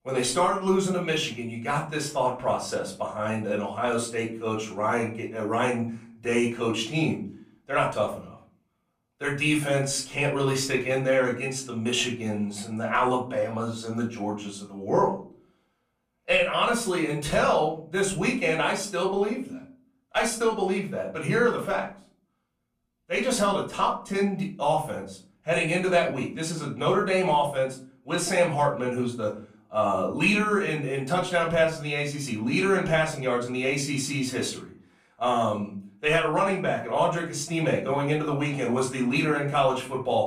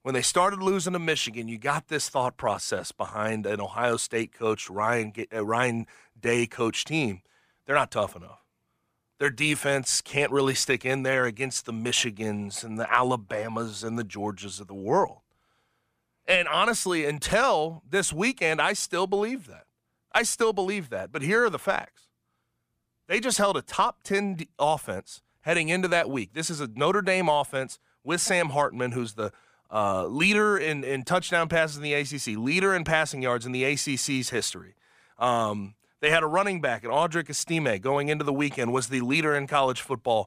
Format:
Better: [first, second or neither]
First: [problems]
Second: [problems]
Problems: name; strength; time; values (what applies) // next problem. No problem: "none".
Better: second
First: off-mic speech; far // room echo; slight; dies away in 0.4 s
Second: none